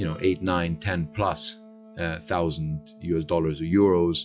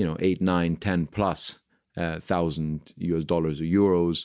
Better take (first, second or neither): second